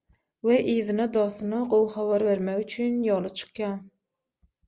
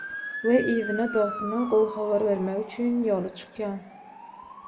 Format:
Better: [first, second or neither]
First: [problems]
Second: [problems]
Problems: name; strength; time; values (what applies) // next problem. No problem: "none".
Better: first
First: none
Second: background sound (Motor vehicle (road) / Siren); 11 dB below the speech // room echo; dies away in 0.9 s